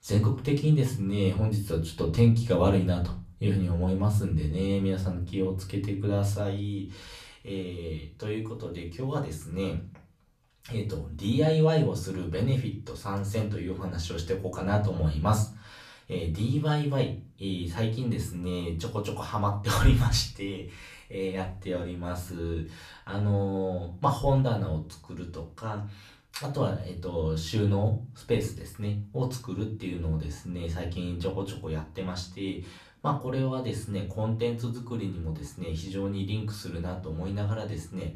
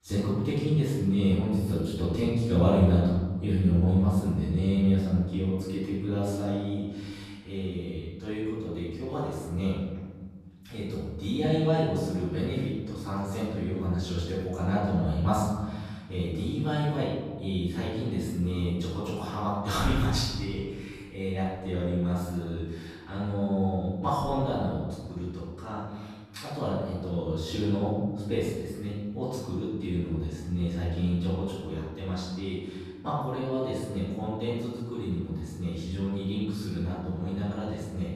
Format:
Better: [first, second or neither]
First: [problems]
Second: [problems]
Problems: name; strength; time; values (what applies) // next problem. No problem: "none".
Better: first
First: room echo; slight; dies away in 0.3 s // off-mic speech; far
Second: room echo; strong; dies away in 1.4 s // off-mic speech; far